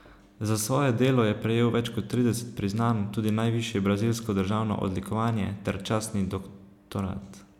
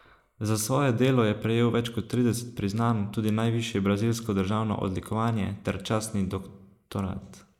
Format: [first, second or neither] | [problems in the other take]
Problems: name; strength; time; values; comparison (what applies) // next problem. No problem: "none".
first | noise reduction (neural mask model Resemble Enhance denoiser)